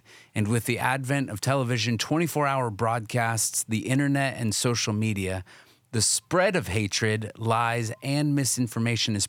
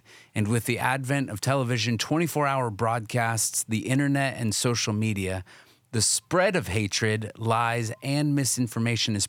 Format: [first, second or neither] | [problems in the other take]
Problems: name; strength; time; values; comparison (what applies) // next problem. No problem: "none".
neither | none